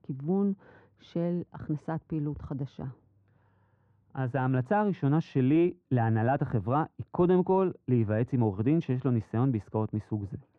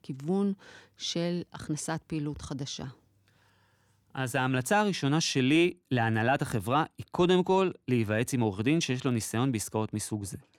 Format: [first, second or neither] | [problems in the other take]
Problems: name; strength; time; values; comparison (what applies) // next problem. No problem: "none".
second | muffled; very; fading above 1 kHz